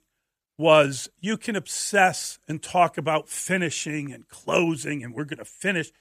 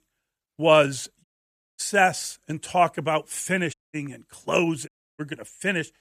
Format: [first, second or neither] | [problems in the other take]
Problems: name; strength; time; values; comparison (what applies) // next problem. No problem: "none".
first | audio cutting out; at 1 s for 0.5 s, at 3.5 s and at 5 s